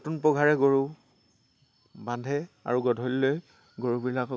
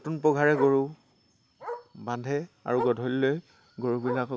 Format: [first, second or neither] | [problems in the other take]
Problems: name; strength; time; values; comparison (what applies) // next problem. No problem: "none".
first | background sound (Bark); 13 dB below the speech